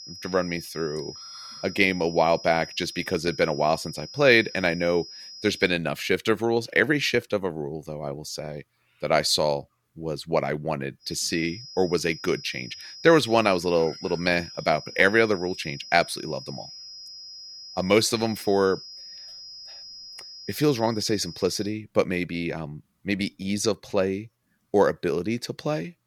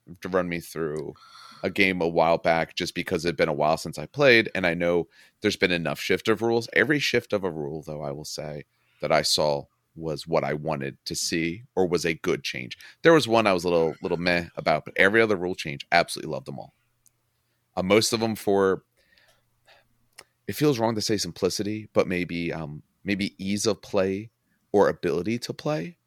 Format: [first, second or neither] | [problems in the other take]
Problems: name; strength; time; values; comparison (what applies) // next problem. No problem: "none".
second | high-pitched whine; noticeable; until 5.5 s and from 11 to 22 s; 5 kHz, 15 dB below the speech